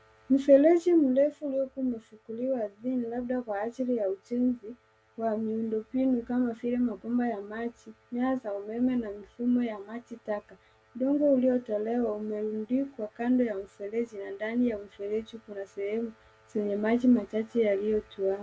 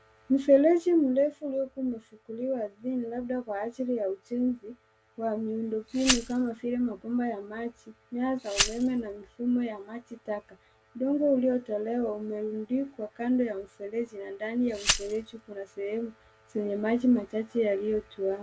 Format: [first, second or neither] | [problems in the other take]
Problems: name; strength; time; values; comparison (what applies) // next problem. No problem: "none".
first | background sound (Glass); 6 dB below the speech